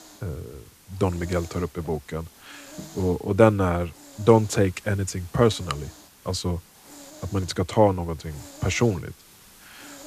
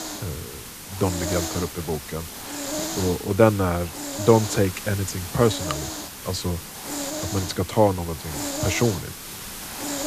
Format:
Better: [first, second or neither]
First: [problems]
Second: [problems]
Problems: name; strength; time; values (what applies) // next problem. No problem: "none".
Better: first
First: hiss; faint; throughout; 20 dB below the speech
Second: hiss; loud; throughout; 7 dB below the speech